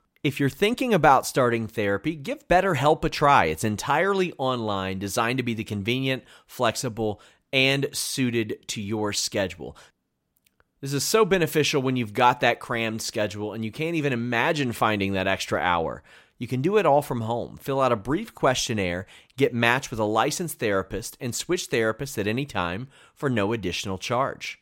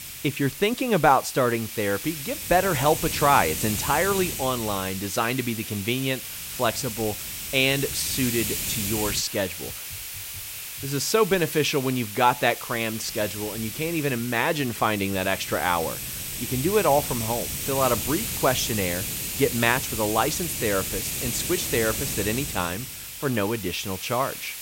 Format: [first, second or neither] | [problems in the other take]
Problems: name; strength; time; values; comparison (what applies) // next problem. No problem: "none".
first | hiss; loud; throughout; 5 dB below the speech